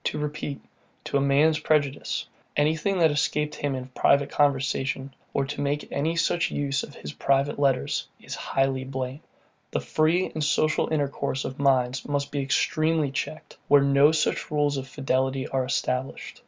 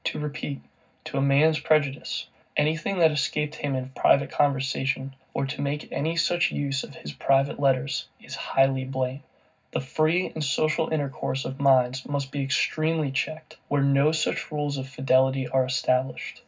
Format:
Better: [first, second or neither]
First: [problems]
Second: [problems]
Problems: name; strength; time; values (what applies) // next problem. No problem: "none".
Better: first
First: none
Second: room echo; dies away in 0.4 s